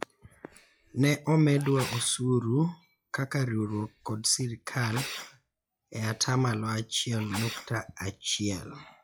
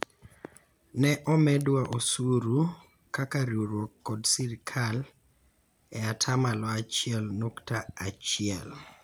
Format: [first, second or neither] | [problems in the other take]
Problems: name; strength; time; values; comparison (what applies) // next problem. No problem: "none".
second | noise reduction (classical method log-MMSE)